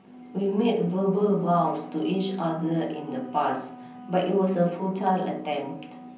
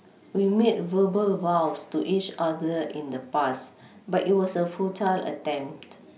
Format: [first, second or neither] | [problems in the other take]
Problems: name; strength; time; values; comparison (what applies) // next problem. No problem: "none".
second | background sound (Wind instrument, woodwind instrument); 18 dB below the speech // room echo; dies away in 0.6 s